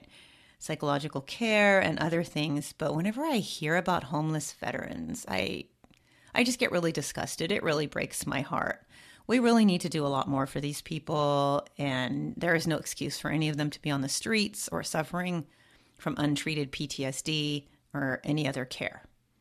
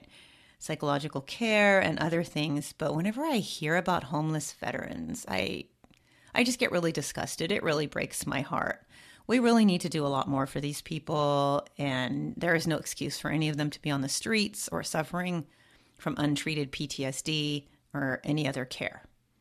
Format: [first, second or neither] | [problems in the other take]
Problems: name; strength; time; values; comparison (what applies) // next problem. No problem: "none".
neither | none